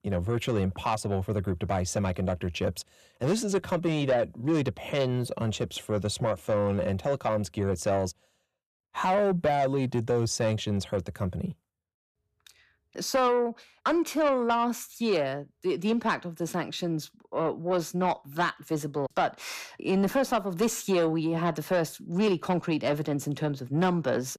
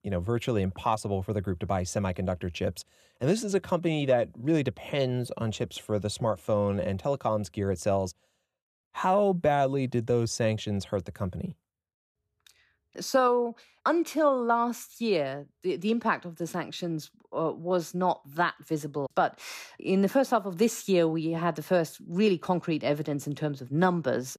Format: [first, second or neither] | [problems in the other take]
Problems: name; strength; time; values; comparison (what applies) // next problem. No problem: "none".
second | distortion; slight; 10 dB below the speech